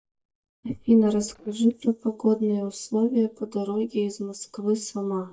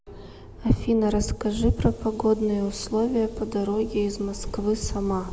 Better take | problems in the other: second | noise reduction (neural mask model DeepFilterNet 3)

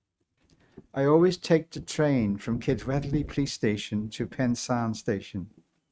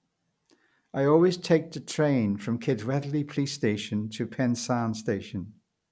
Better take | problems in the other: second | noise reduction (neural mask model RNNoise)

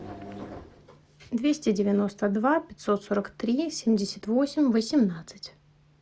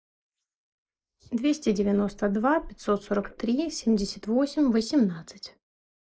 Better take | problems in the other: first | noise reduction (neural mask model Resemble Enhance denoiser)

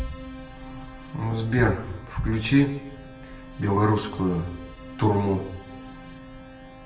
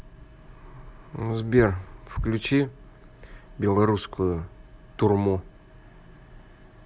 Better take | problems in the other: second | background sound (Keyboard (musical)); 17 dB below the speech // room echo; dies away in 0.7 s

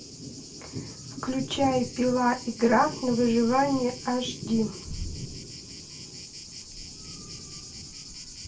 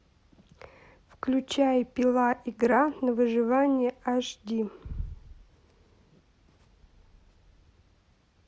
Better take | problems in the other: second | background sound (Thunder); 11 dB below the speech // room echo; dies away in 0.2 s

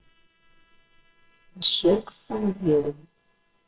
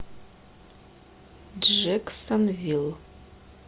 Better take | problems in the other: second | noise reduction (neural separator model SepFormer WHAMR!)

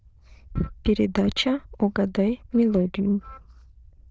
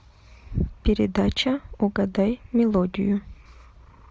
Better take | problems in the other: second | noise reduction (neural diffusion model UNIVERSE++)

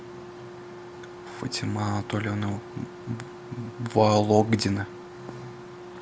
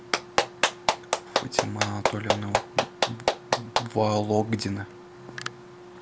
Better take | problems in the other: first | background sound (Clapping); 2 dB above the speech

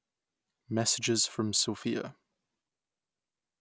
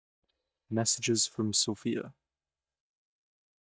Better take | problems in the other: first | noise reduction (neural mask model DeepFilterNet 3)

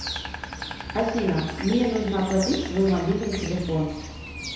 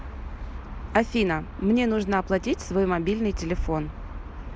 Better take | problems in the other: second | background sound (Insect); 11 dB below the speech // room echo; dies away in 1 s

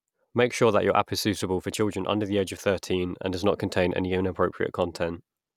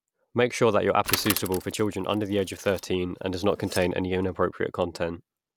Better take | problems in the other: first | background sound (Bicycle); 10 dB below the speech

